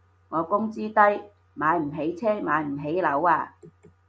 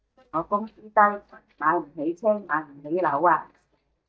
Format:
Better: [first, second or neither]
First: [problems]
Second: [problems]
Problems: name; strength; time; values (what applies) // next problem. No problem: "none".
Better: first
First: none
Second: noise reduction (neural mask model DeepFilterNet 3)